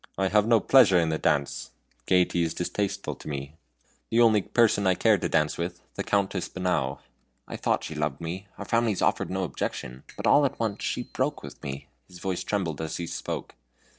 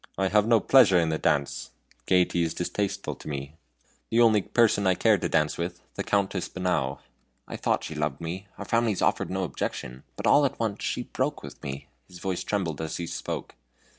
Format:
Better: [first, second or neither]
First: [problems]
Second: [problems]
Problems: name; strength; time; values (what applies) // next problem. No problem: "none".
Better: second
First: noise reduction (neural separator model SepFormer DNS4)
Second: none